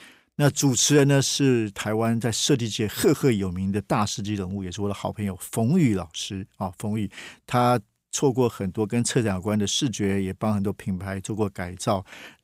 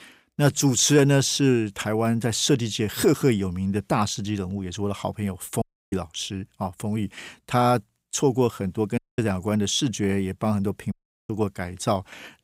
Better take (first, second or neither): first